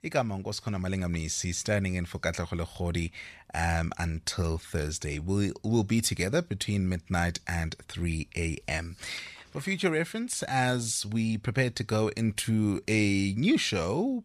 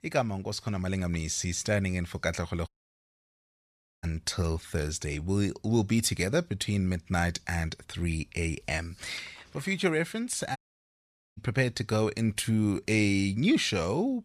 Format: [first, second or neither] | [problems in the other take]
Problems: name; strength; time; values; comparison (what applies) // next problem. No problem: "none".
first | audio cutting out; at 2.5 s for 1.5 s and at 11 s for 1 s